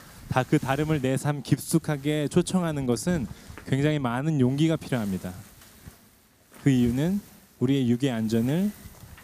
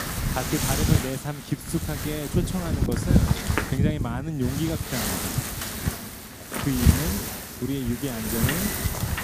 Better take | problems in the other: first | wind noise on the microphone; heavy; 3 dB above the speech; occasional gusts in the first

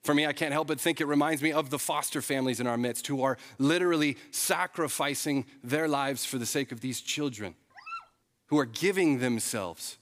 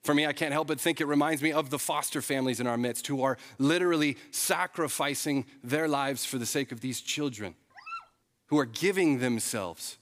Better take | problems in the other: neither | dog barking; faint; at 8 s; peak 10 dB below the speech; the same in both

